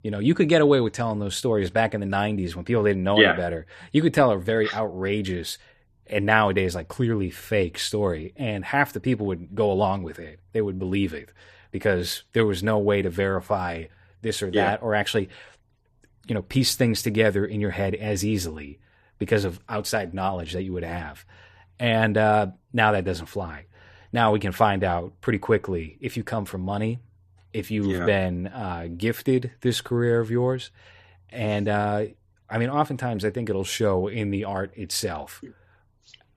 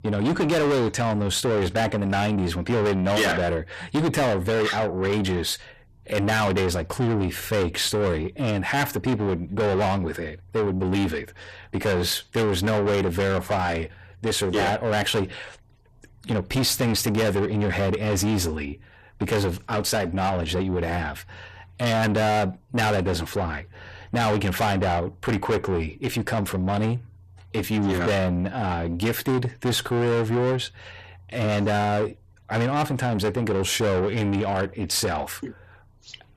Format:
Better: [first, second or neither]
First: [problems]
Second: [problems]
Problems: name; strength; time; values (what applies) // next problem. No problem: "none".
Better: first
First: none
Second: distortion; heavy; 6 dB below the speech